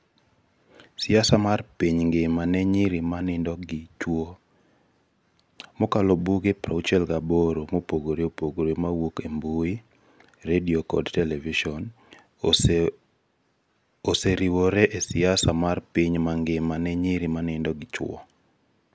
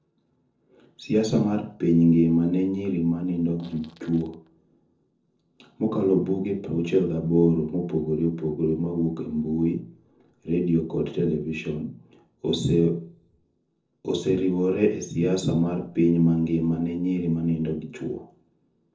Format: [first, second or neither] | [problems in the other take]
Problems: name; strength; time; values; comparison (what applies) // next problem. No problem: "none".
first | noise reduction (neural separator model SepFormer DNS4)